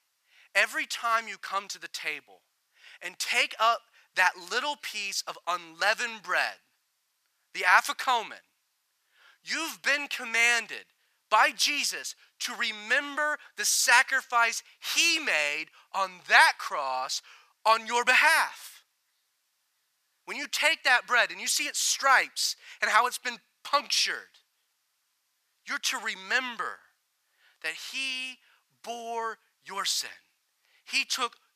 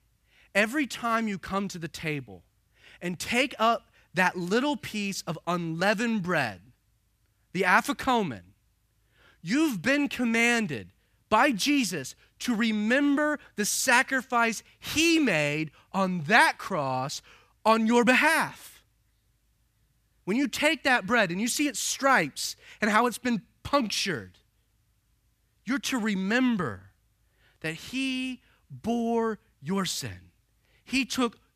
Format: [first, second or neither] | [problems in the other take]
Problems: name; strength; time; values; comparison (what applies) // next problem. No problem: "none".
second | thin; very; fading below 950 Hz